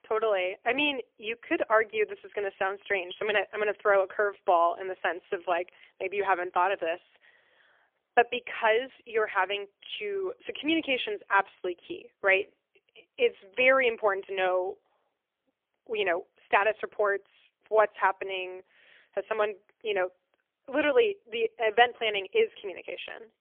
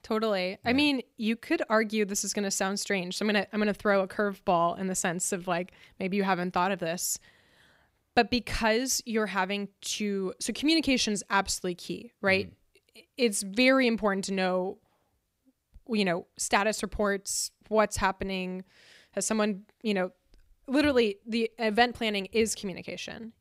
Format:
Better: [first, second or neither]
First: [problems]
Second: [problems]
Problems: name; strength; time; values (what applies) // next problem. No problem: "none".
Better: second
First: phone-call audio; poor line; nothing above 3.5 kHz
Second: none